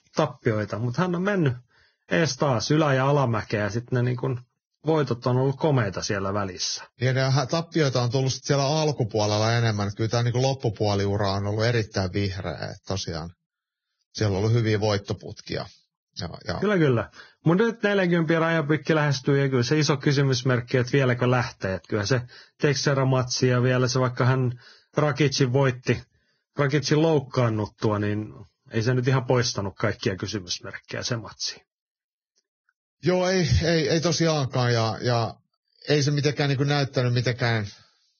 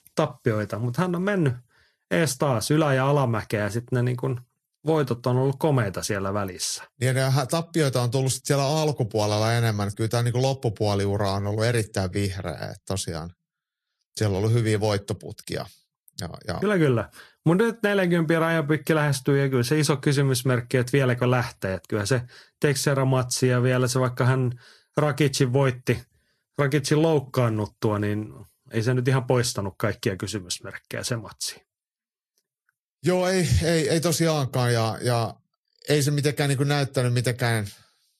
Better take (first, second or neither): second